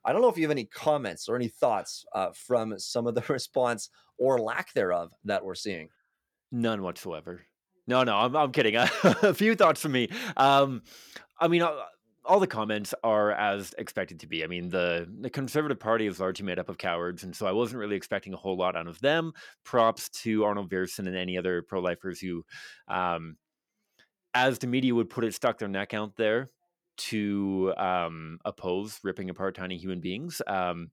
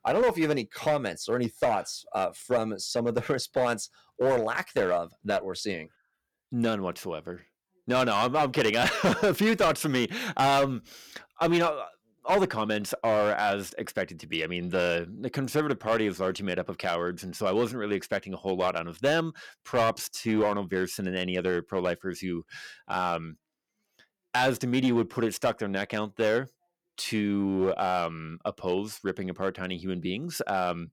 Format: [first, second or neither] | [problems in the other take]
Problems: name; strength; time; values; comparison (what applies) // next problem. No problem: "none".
first | distortion; slight; 5% of the sound clipped